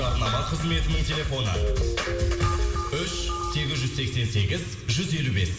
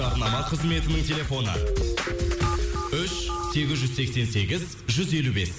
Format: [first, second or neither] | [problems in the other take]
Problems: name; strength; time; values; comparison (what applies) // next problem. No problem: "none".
second | room echo; dies away in 2.6 s